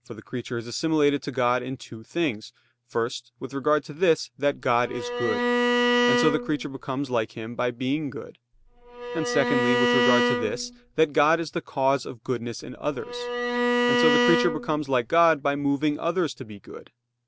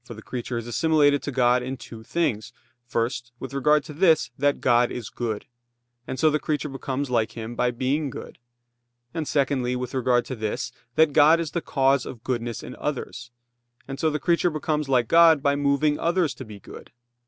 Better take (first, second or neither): second